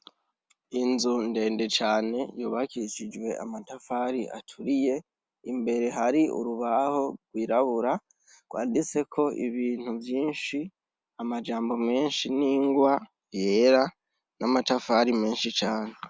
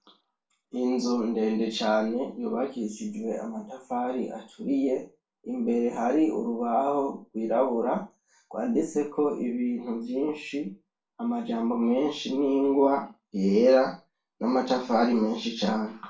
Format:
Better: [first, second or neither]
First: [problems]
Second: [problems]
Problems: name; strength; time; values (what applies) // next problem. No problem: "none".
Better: first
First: none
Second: room echo; dies away in 0.3 s